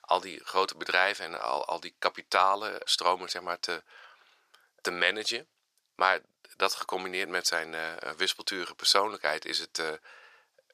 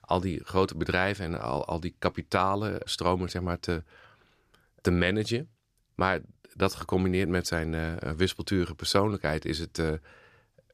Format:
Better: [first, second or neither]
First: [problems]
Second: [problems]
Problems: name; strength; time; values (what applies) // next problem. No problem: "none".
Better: second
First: thin; very; fading below 750 Hz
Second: none